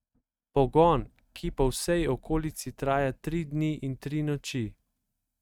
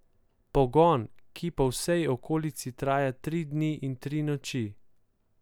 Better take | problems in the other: second | noise reduction (neural mask model RNNoise)

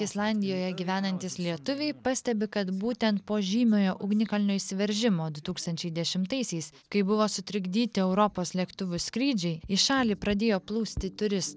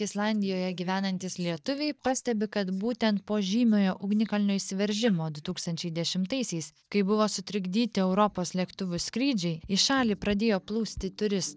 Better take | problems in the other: first | noise reduction (neural mask model DeepFilterNet 3)

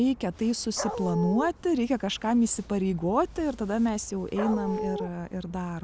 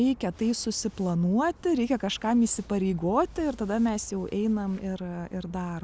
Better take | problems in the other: second | background sound (Dog); 5 dB below the speech

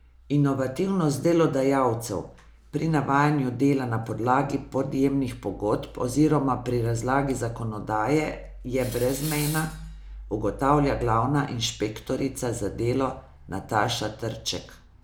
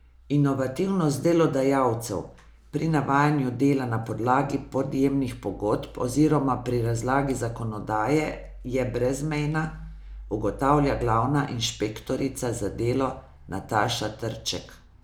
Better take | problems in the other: second | background sound (Tools); 13 dB below the speech

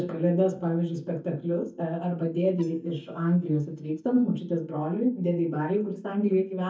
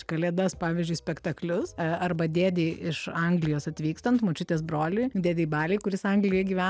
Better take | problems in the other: second | noise reduction (neural mask model DeepFilterNet 3)

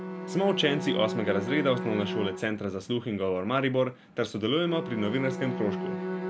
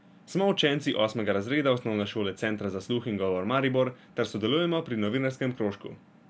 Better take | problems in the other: second | background sound (Bowed string instrument); 6 dB below the speech

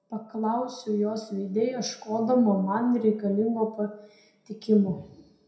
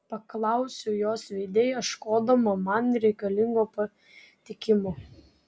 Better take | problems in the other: second | room echo; dies away in 0.5 s

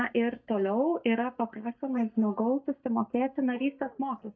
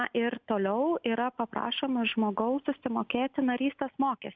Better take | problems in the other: second | noise reduction (neural mask model DeepFilterNet 3)

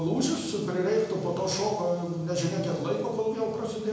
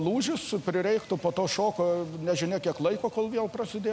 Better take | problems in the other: second | room echo; dies away in 0.9 s

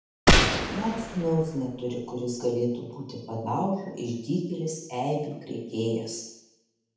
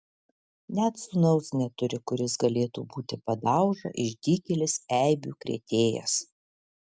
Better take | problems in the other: second | background sound (Gunshot, gunfire); 5 dB above the speech // room echo; dies away in 0.8 s

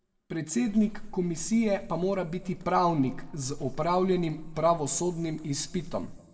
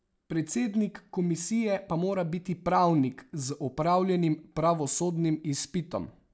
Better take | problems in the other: second | background sound (Livestock, farm animals, working animals); 13 dB below the speech // room echo; dies away in 1 s

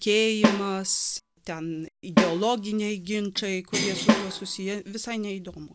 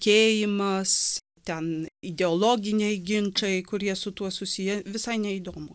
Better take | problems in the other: second | background sound (Snare drum + Bell); as loud as the speech

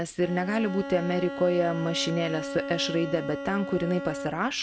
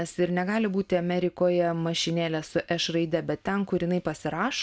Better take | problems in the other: second | background sound (Bowed string instrument); 8 dB below the speech

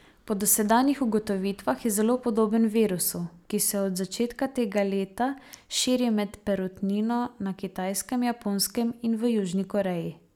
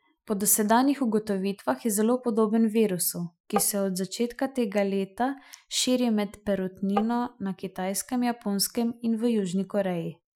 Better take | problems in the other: first | noise reduction (classical method Wiener filter)

